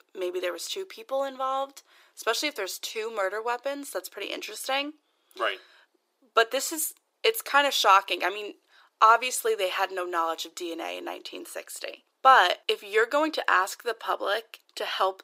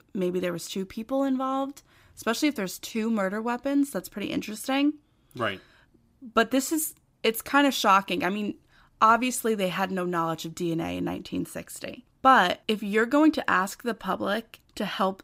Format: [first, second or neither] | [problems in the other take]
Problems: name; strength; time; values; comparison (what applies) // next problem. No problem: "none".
second | thin; very; fading below 400 Hz